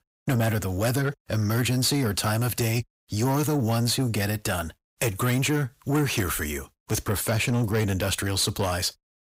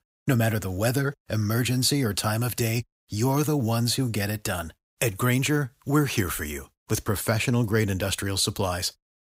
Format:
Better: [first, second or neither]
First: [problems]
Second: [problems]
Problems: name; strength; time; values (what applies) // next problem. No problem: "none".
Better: second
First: distortion; slight; 10 dB below the speech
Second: none